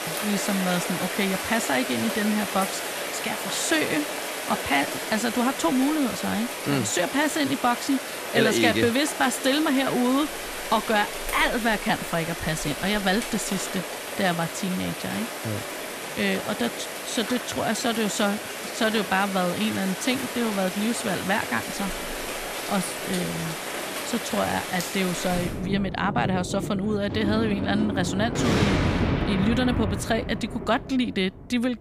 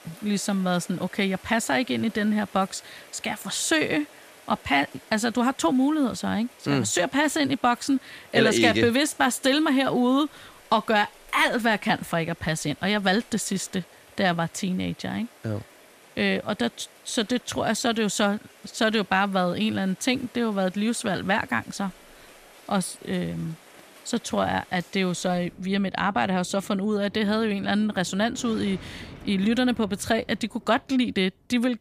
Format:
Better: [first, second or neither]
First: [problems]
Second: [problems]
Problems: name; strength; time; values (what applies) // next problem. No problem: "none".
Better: second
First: rain or running water; loud; throughout; 4 dB below the speech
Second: rain or running water; faint; throughout; 25 dB below the speech